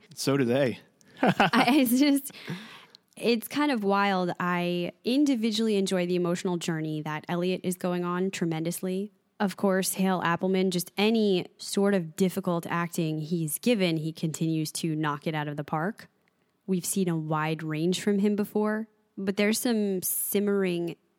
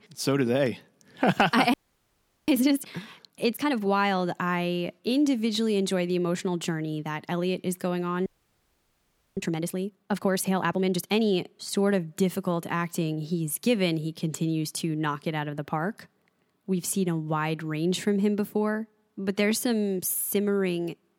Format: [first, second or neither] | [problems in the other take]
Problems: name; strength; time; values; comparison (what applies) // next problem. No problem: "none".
first | audio freezing; at 1.5 s for 0.5 s and at 8.5 s for 1 s